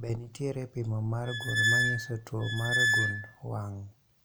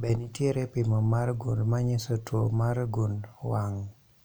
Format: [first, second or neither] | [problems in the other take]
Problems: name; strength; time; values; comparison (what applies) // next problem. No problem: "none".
second | background sound (Squeak); 4 dB above the speech